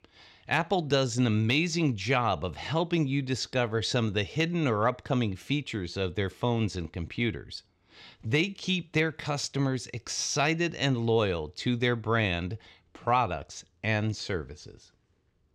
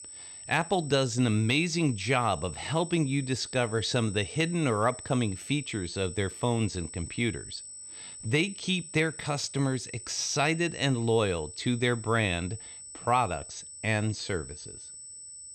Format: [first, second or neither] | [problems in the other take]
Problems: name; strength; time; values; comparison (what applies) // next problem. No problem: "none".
first | high-pitched whine; noticeable; throughout; 8 kHz, 10 dB below the speech